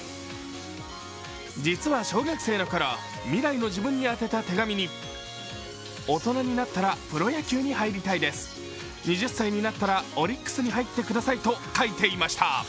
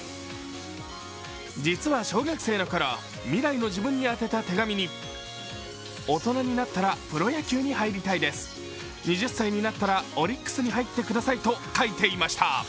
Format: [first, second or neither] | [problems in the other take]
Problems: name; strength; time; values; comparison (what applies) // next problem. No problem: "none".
second | background sound (Wind instrument, woodwind instrument); 14 dB below the speech